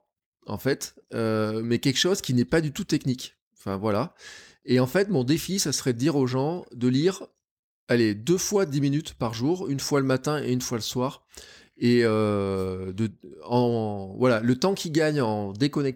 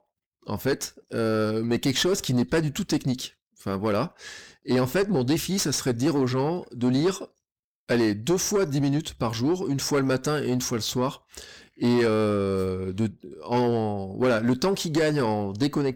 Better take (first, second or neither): first